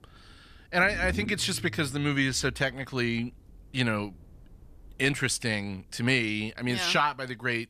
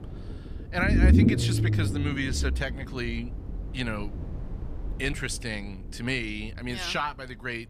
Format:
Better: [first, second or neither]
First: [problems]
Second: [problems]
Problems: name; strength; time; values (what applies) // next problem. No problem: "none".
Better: first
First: low rumble; faint; throughout; 25 dB below the speech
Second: low rumble; loud; throughout; 4 dB below the speech